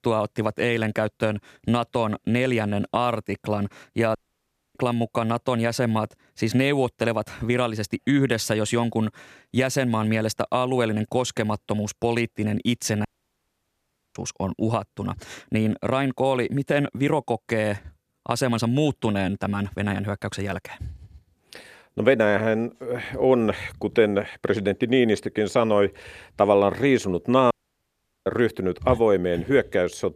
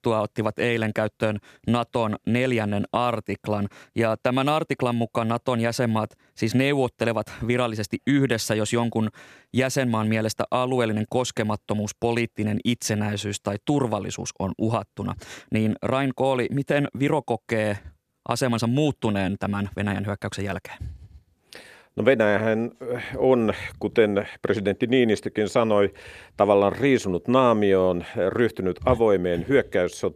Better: second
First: audio cutting out; at 4 s for 0.5 s, at 13 s for 1 s and at 28 s for 1 s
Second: none

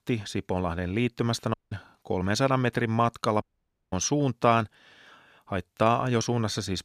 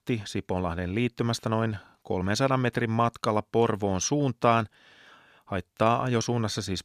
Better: second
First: audio cutting out; at 1.5 s and at 3.5 s for 0.5 s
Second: none

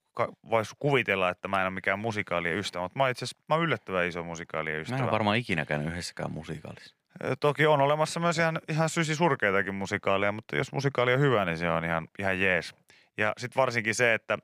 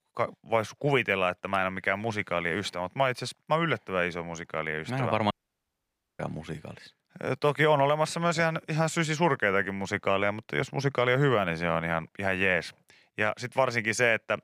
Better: first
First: none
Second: audio cutting out; at 5.5 s for 1 s

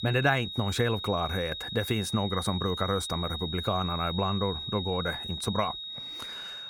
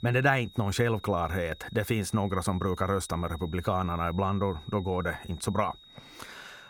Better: second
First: high-pitched whine; loud; throughout; 4 kHz, 5 dB below the speech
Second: high-pitched whine; faint; throughout; 4 kHz, 20 dB below the speech

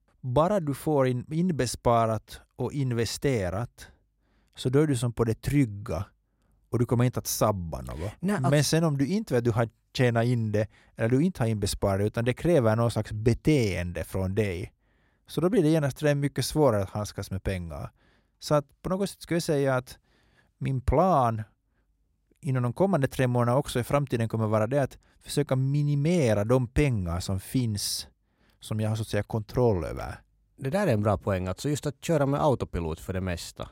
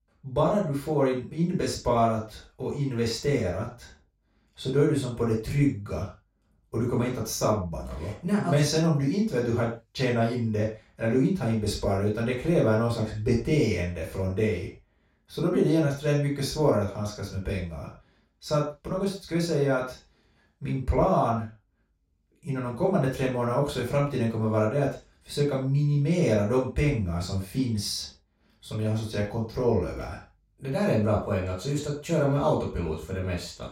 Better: first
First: none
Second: room echo; noticeable; dies away in 0.3 s // off-mic speech; far

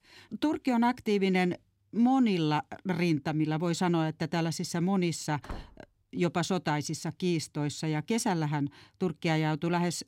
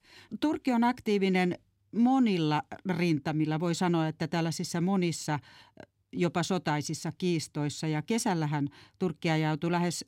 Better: second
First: door banging; faint; at 5.5 s; peak 15 dB below the speech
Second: none

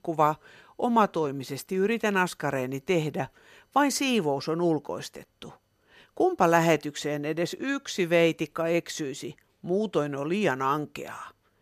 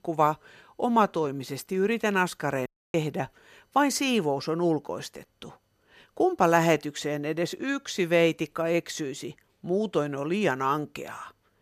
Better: first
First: none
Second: audio cutting out; at 2.5 s

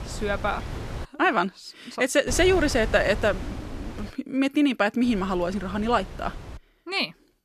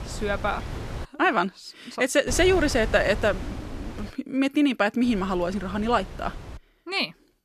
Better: neither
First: wind noise on the microphone; occasional gusts; until 1 s, from 2.5 to 4 s and from 5 to 6.5 s; 15 dB below the speech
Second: wind noise on the microphone; occasional gusts; until 1 s, from 2.5 to 4 s and from 5 to 6.5 s; 15 dB below the speech

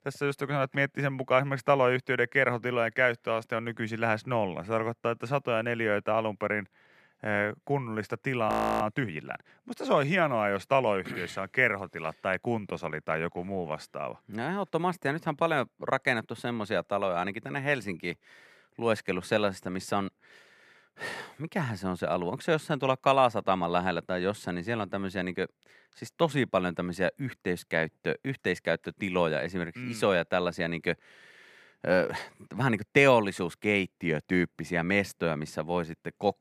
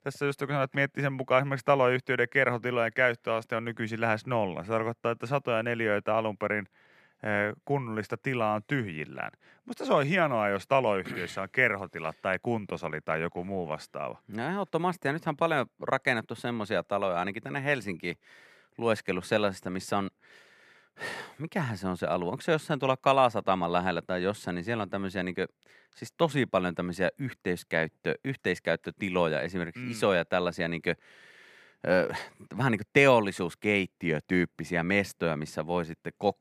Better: second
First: audio freezing; at 8.5 s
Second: none

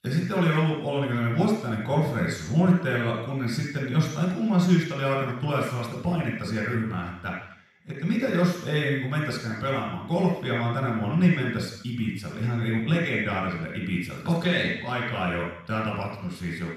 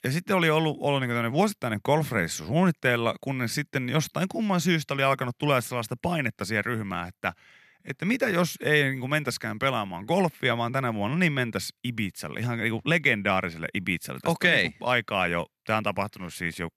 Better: second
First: room echo; noticeable; dies away in 0.7 s // off-mic speech; far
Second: none

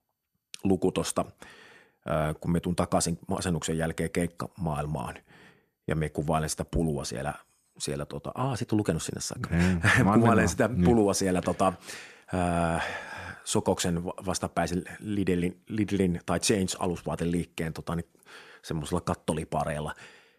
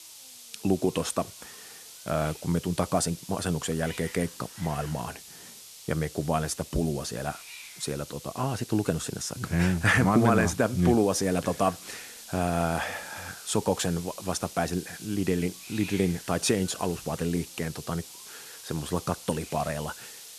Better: first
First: none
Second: hiss; noticeable; throughout; 15 dB below the speech

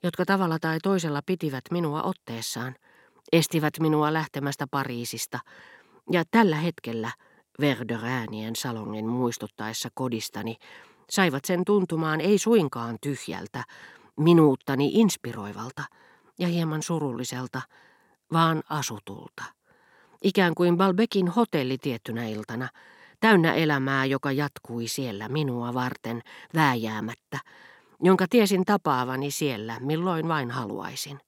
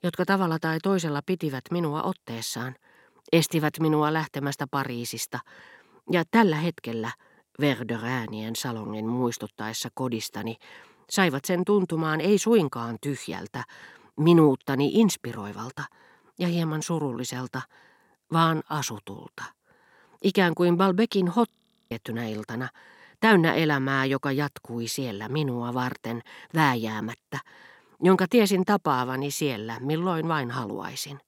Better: first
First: none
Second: audio freezing; at 21 s

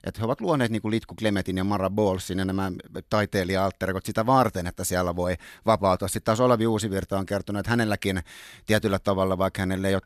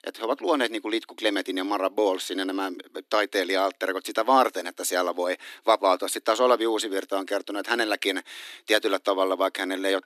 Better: first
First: none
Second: thin; somewhat; fading below 250 Hz

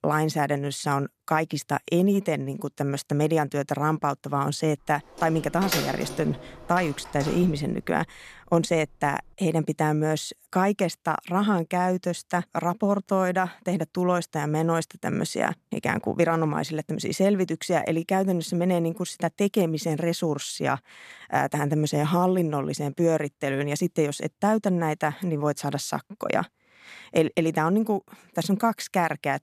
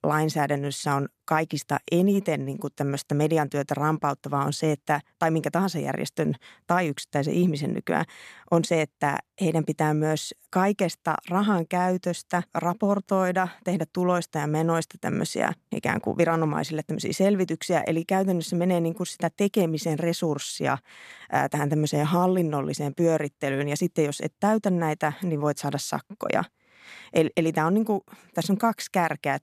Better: second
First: door banging; noticeable; from 5 to 7.5 s; peak 2 dB below the speech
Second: none

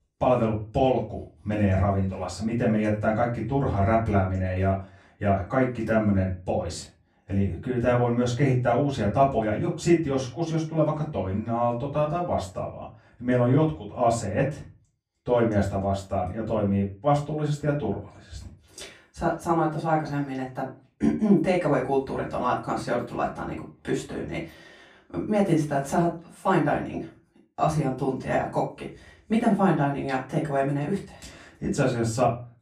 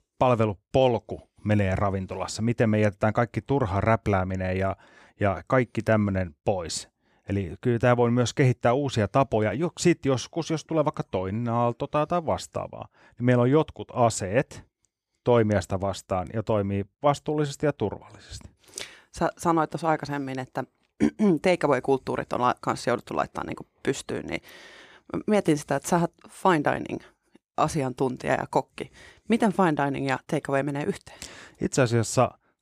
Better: second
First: off-mic speech; far // room echo; slight; dies away in 0.3 s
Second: none

